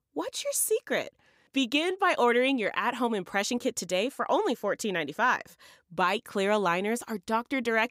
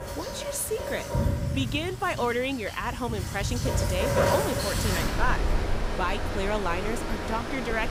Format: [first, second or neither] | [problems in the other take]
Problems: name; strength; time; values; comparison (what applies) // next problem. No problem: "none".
first | rain or running water; very loud; throughout; 1 dB above the speech